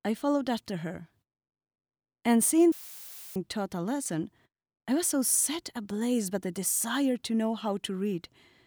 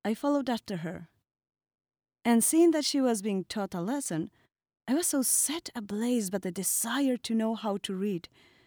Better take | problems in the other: second | audio cutting out; filled with static; at 2.5 s for 0.5 s

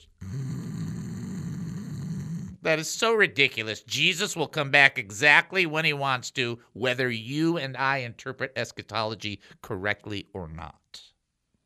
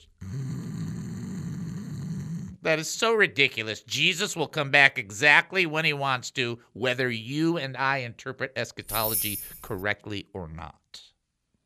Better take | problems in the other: first | jangling keys; noticeable; at 9 s; peak 1 dB below the speech

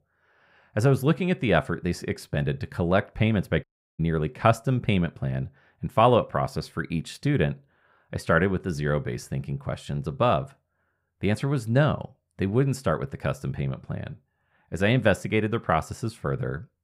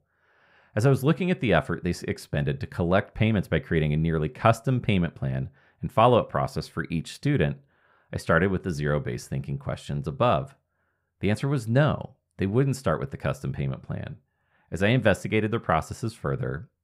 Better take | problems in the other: second | audio cutting out; at 3.5 s

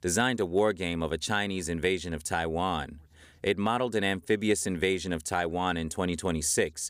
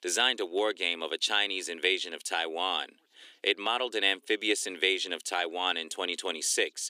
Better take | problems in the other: first | thin; somewhat; fading below 300 Hz

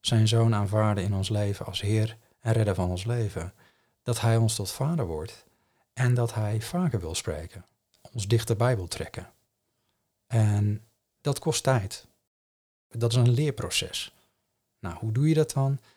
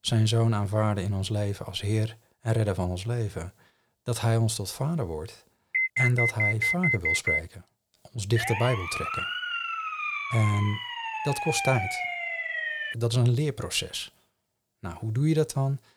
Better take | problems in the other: first | alarm; loud; from 5.5 to 7.5 s; peak 4 dB above the speech // siren; noticeable; from 8.5 to 13 s; peak 1 dB below the speech

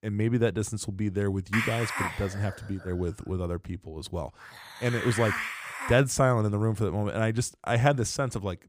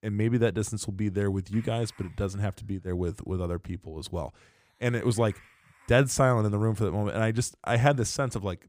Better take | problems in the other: second | hiss; loud; from 1.5 to 6 s; 5 dB below the speech; faint in the second

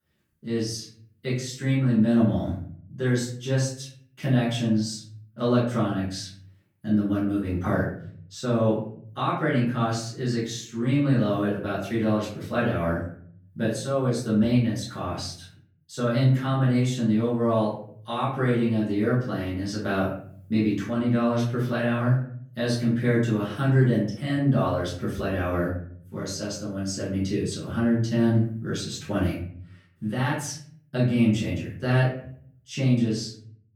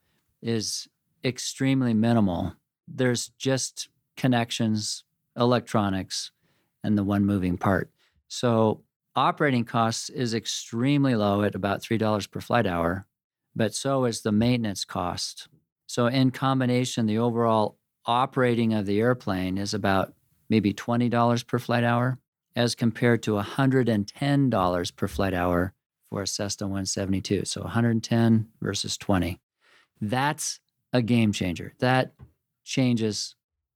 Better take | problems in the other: second | off-mic speech; far // room echo; noticeable; dies away in 0.6 s

